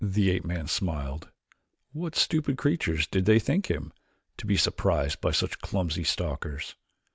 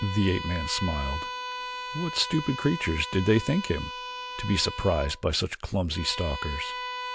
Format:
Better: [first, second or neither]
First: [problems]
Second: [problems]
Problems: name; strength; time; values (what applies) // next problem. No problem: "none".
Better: first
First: none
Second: background sound (Bowed string instrument); 8 dB below the speech